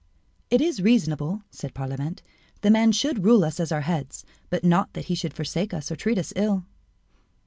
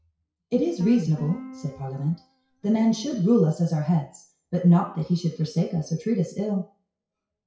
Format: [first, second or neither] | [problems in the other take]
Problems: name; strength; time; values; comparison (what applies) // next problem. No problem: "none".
first | noise reduction (classical method WPE with log-MMSE)